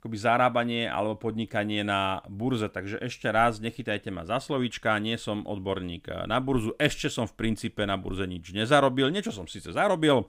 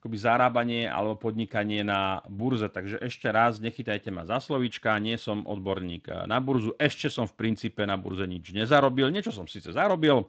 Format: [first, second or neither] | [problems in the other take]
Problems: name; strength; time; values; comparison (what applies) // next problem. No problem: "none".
first | garbled, watery; slightly; nothing above 7.5 kHz